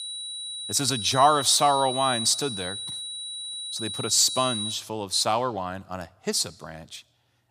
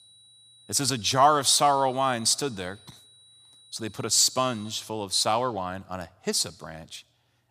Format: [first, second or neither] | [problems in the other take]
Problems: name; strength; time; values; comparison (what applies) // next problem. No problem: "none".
second | high-pitched whine; loud; until 4.5 s; 4 kHz, 7 dB below the speech; faint in the second